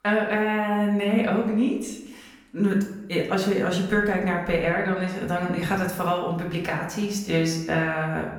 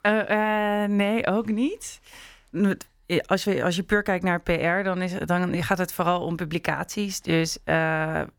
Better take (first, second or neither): second